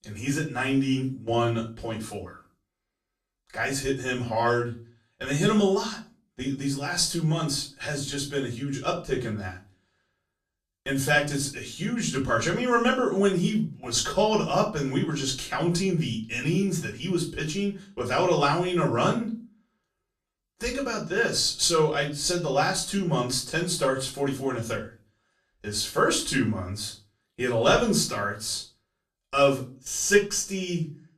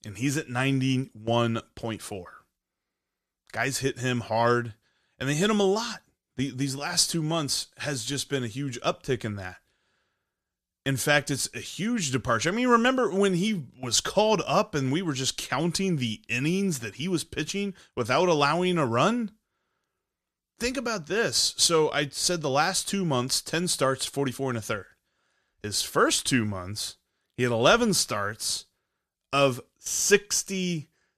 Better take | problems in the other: second | off-mic speech; far // room echo; slight; dies away in 0.3 s

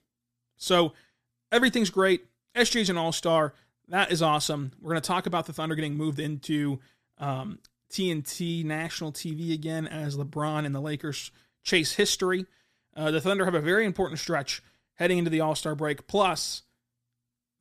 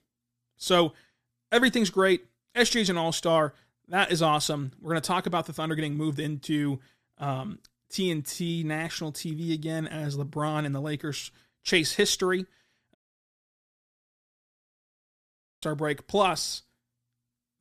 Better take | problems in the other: first | audio cutting out; at 13 s for 2.5 s

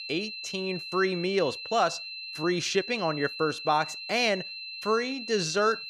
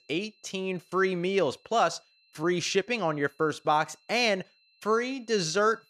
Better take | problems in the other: second | high-pitched whine; loud; throughout; 4 kHz, 8 dB below the speech; faint in the second

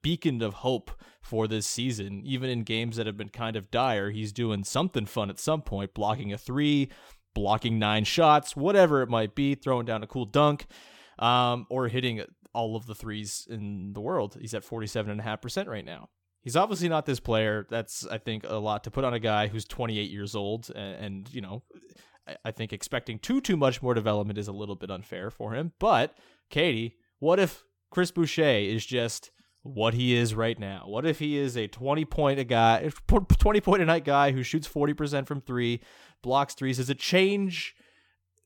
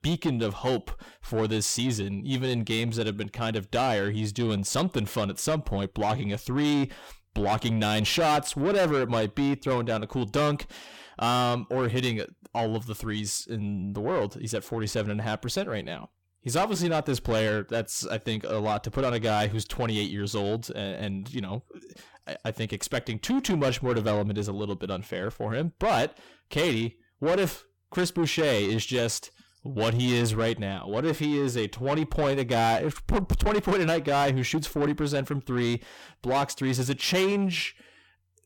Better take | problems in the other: first | distortion; heavy; 7 dB below the speech

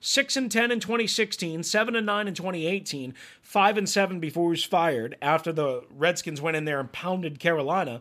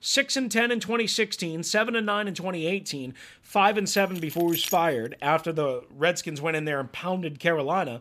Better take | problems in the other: first | jangling keys; noticeable; at 4 s; peak 6 dB below the speech

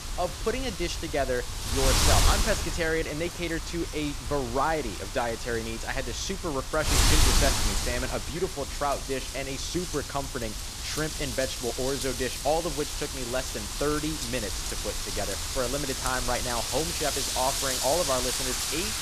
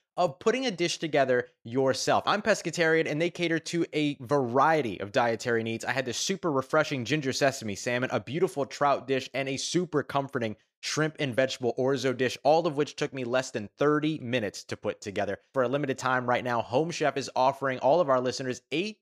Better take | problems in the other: second | wind noise on the microphone; heavy; as loud as the speech

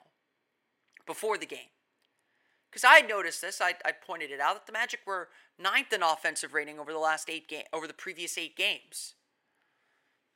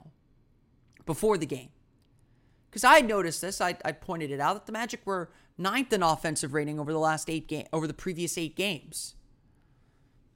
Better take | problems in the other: second | thin; very; fading below 600 Hz

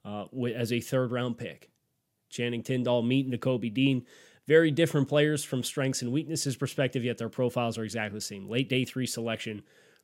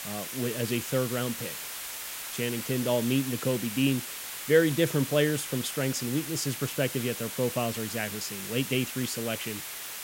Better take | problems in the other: first | hiss; loud; throughout; 6 dB below the speech

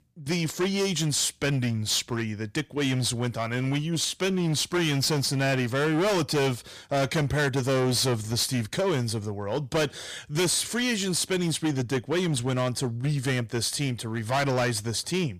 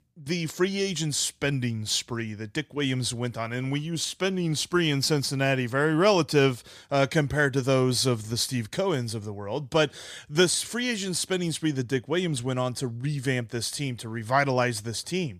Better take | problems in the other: second | distortion; heavy; 16% of the sound clipped

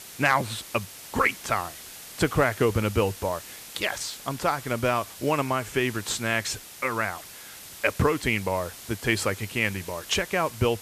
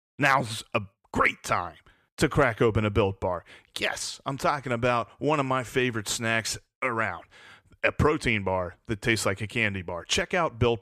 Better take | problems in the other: second | hiss; noticeable; throughout; 15 dB below the speech

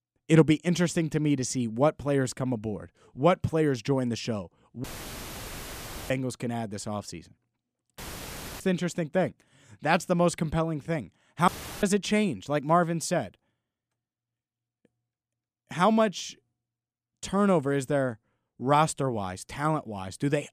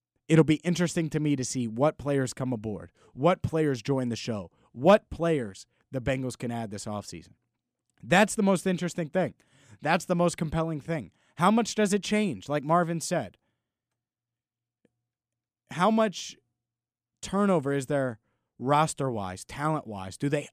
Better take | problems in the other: second | audio cutting out; filled with static; at 5 s for 1.5 s, at 8 s for 0.5 s and at 11 s

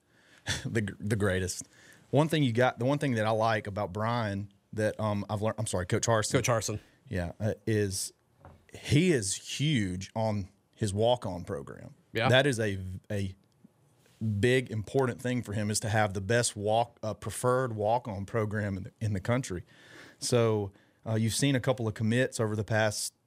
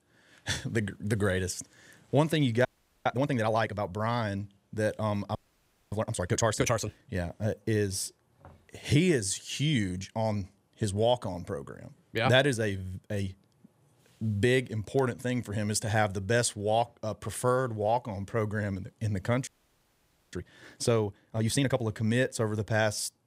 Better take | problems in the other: first | audio freezing; at 2.5 s, at 5.5 s for 0.5 s and at 19 s for 1 s

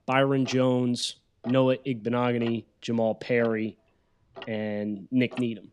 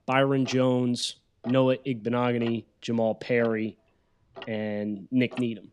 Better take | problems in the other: neither | household noises; noticeable; throughout; 20 dB below the speech; the same in both

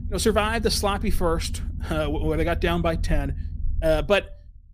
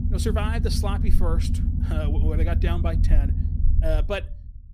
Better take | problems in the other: first | low rumble; loud; throughout; 8 dB below the speech; faint in the first

